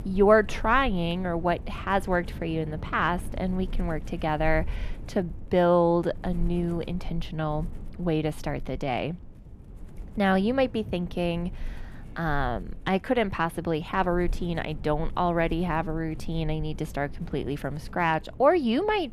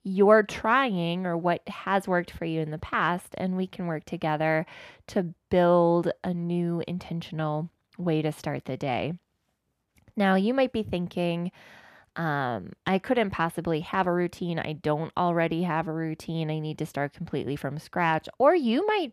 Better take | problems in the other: second | wind noise on the microphone; occasional gusts; 25 dB below the speech

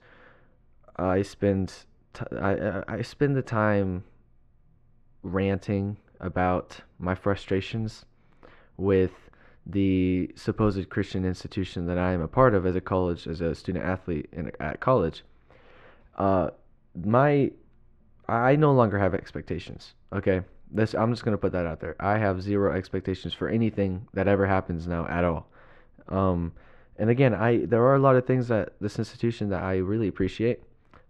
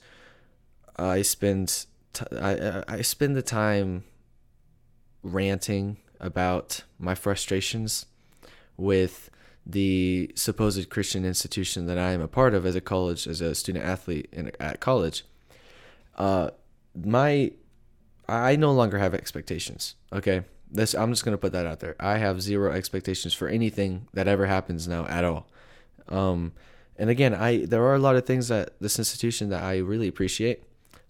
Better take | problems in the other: second | muffled; very; fading above 2 kHz

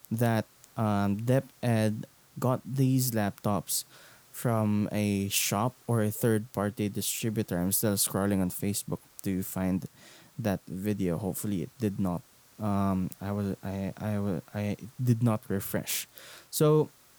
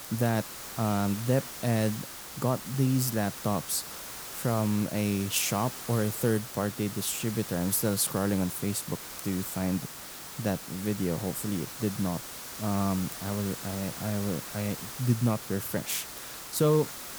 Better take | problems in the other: first | hiss; loud; throughout; 8 dB below the speech; faint in the first

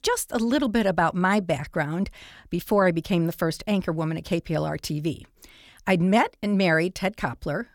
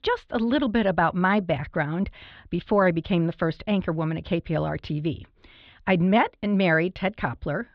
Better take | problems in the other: first | muffled; slightly; fading above 3.5 kHz

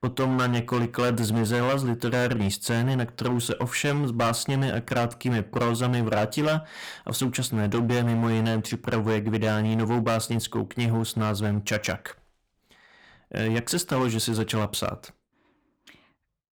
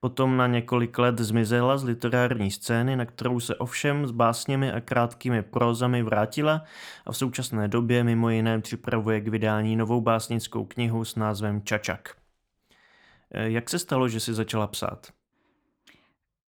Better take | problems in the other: second | distortion; heavy; 13% of the sound clipped

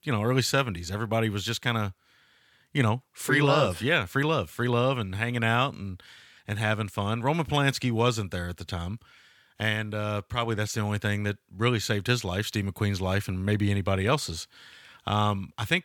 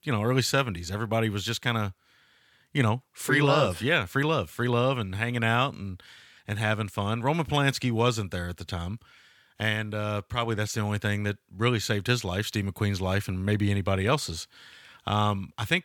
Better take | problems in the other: neither | none

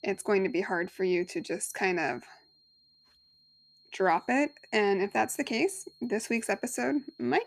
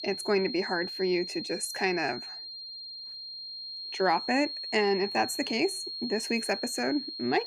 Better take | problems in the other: first | high-pitched whine; loud; throughout; 4.5 kHz, 6 dB below the speech; faint in the first

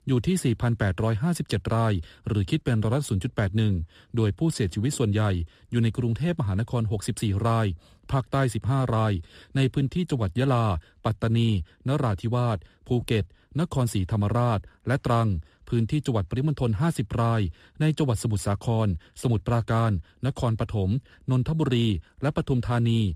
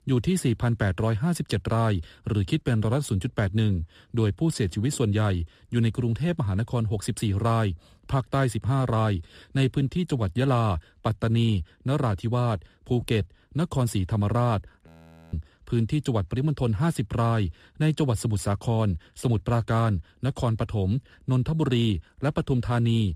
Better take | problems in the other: first | audio freezing; at 15 s

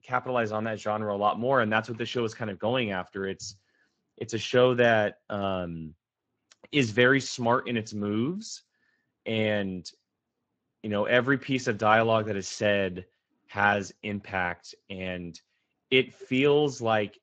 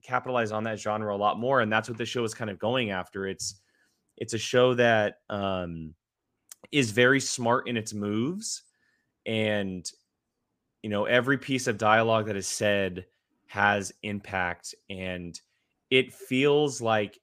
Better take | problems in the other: second | garbled, watery; slightly; nothing above 7.5 kHz

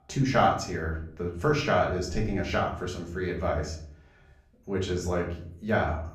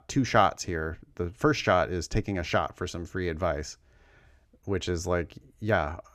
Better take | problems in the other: second | off-mic speech; far // room echo; slight; dies away in 0.5 s

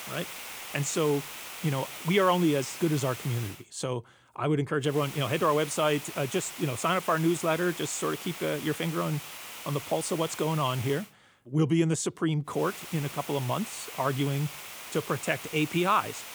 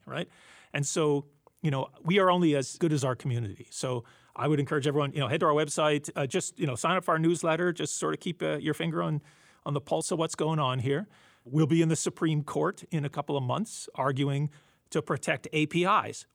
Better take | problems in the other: second | hiss; noticeable; until 3.5 s, from 5 to 11 s and from 13 s on; 10 dB below the speech

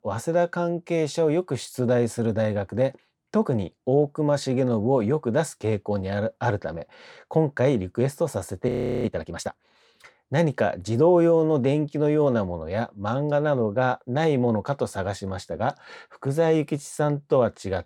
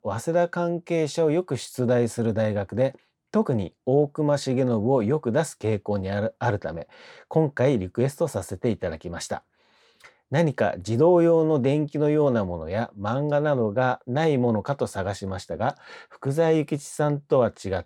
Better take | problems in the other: second | audio freezing; at 8.5 s

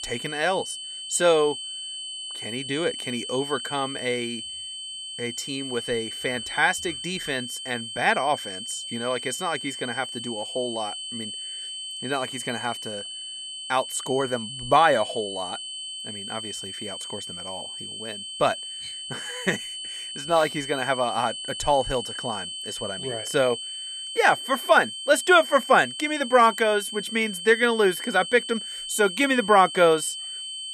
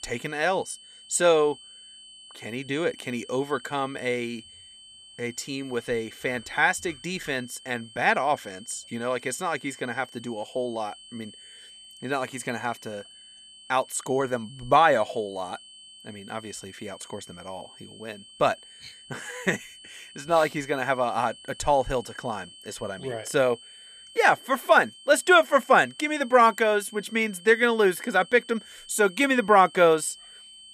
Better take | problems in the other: second | high-pitched whine; loud; throughout; 3 kHz, 8 dB below the speech; faint in the second

